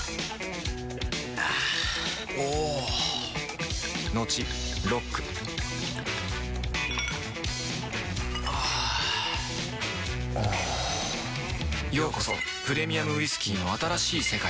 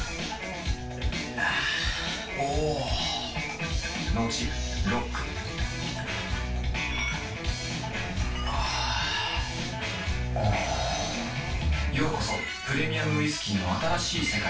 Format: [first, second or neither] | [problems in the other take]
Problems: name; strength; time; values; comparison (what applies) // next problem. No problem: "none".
first | room echo; dies away in 0.3 s